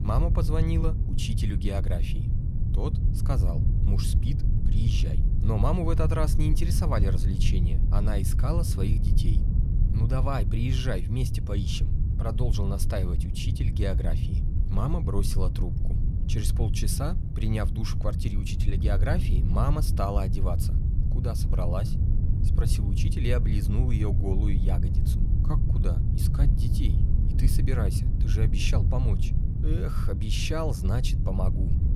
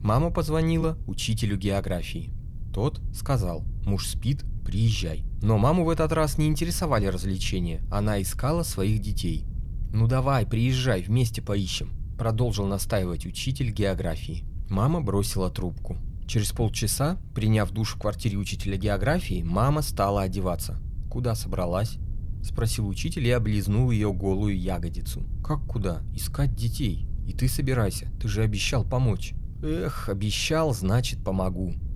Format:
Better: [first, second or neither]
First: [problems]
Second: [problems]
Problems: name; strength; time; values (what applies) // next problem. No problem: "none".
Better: second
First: low rumble; loud; throughout; 6 dB below the speech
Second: low rumble; faint; throughout; 20 dB below the speech